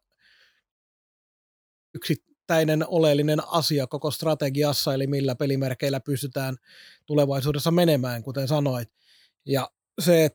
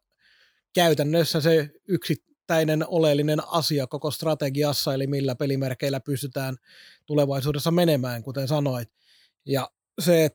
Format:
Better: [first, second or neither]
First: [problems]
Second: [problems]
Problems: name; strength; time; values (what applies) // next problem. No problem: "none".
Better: second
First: audio cutting out; at 0.5 s for 1 s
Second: none